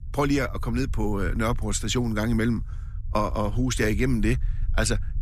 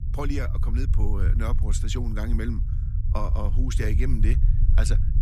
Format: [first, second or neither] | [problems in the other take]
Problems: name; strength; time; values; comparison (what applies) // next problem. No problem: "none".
first | low rumble; loud; throughout; 8 dB below the speech; faint in the first